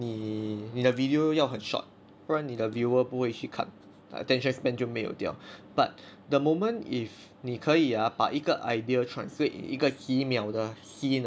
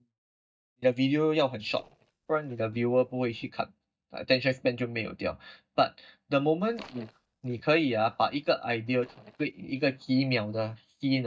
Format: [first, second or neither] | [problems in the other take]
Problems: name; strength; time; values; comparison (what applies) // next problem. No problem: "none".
first | noise reduction (neural mask model DeepFilterNet 3)